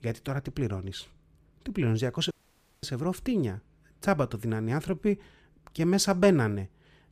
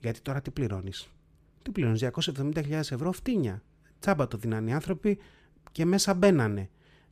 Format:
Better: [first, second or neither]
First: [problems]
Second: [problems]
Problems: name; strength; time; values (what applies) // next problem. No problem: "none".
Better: second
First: audio cutting out; at 2.5 s for 0.5 s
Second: none